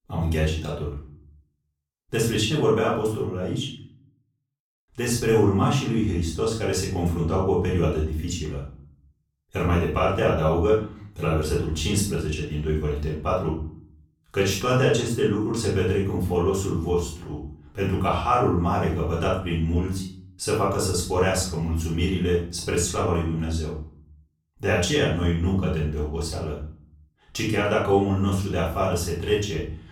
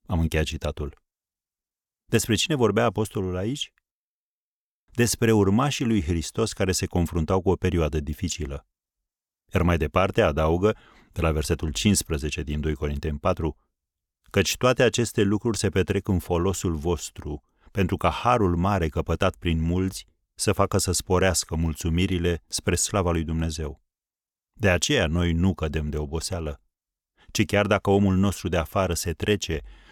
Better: second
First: off-mic speech; far // room echo; noticeable; dies away in 0.4 s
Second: none

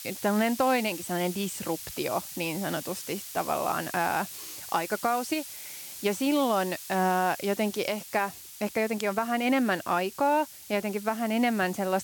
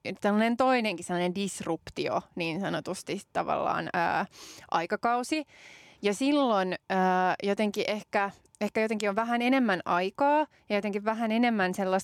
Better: second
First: hiss; noticeable; throughout; 10 dB below the speech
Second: none

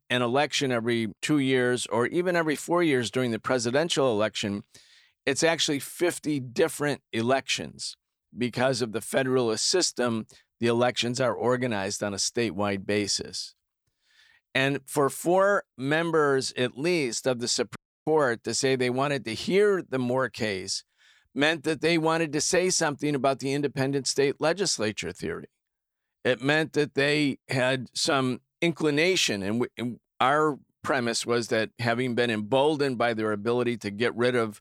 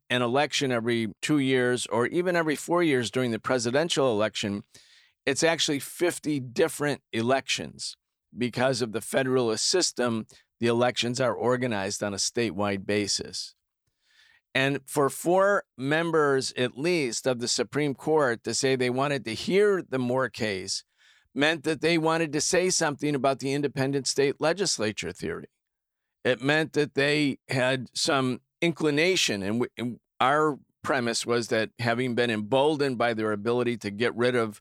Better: second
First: audio cutting out; at 18 s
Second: none

